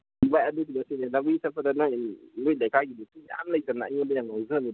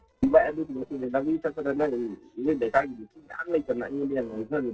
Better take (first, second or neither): first